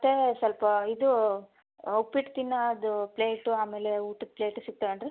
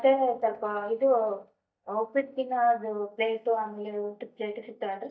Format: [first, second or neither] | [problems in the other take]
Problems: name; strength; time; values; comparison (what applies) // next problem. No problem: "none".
first | noise reduction (neural mask model DeepFilterNet 3)